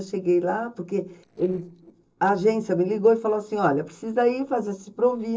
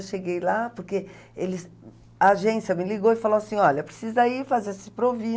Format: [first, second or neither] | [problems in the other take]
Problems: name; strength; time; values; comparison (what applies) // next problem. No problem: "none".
second | noise reduction (neural separator model SepFormer DNS4)